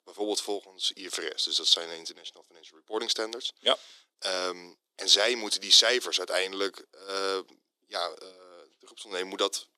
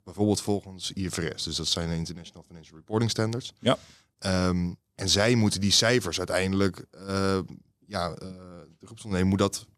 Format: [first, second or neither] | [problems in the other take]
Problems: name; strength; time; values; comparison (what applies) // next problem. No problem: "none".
second | thin; very; fading below 350 Hz